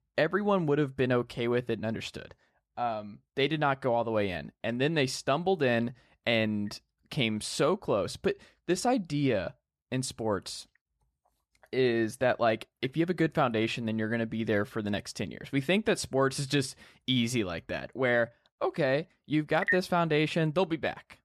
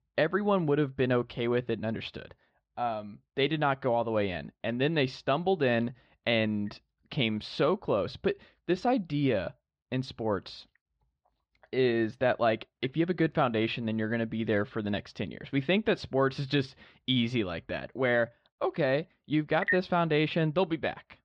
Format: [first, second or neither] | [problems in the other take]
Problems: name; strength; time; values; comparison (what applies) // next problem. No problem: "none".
first | muffled; very slightly; fading above 4 kHz